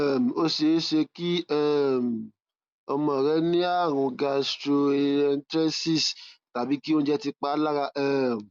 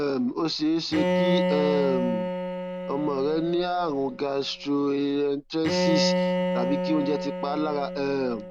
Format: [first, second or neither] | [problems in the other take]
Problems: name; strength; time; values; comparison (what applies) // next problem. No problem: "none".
first | background sound (Bowed string instrument); 1 dB below the speech